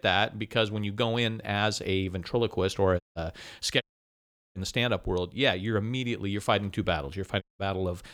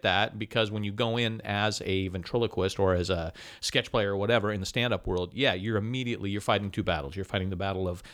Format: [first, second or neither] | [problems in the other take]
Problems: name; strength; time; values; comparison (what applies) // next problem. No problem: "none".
second | audio cutting out; at 3 s, at 4 s for 0.5 s and at 7.5 s